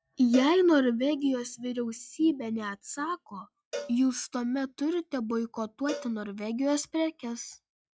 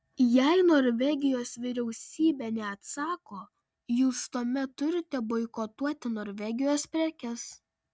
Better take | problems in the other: second | noise reduction (classical method log-MMSE)

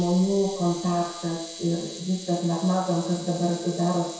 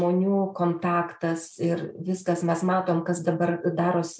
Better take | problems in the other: second | background sound (Camera); 15 dB below the speech // room echo; dies away in 0.7 s

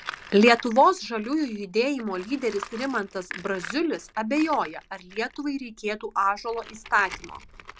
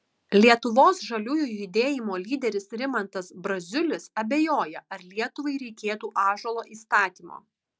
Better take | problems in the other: second | background sound (Tools); 17 dB below the speech

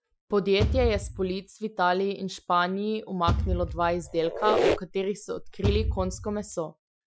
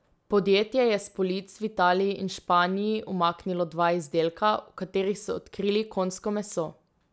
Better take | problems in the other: second | noise reduction (classical method Wiener filter)

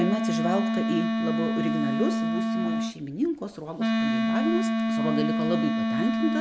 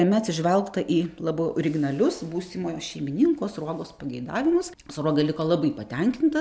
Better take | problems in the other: second | background sound (Wind instrument, woodwind instrument); 4 dB above the speech

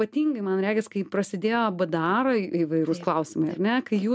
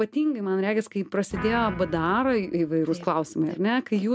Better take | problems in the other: first | background sound (Guitar); 14 dB below the speech

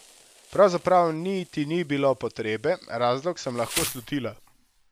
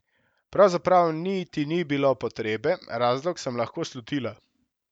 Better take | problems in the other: second | background sound (Insect); 15 dB below the speech

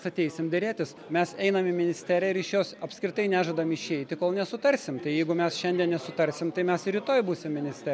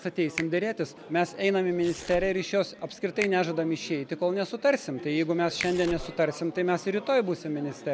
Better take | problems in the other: first | background sound (Tearing + Finger snapping); 16 dB below the speech

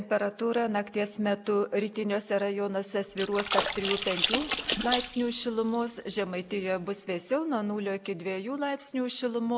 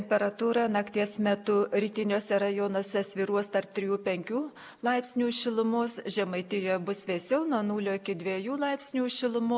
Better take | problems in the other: second | background sound (Splash, splatter); 4 dB below the speech

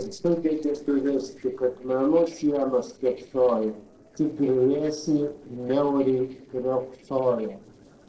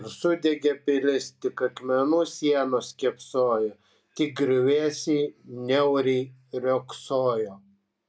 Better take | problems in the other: second | noise reduction (neural separator model SepFormer DNS4)

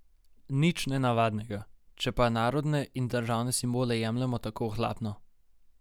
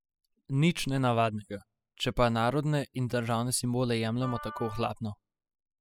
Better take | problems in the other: first | noise reduction (classical method spectral subtraction)

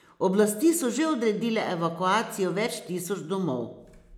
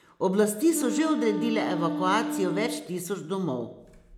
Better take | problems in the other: first | background sound (Wind instrument, woodwind instrument); 5 dB below the speech

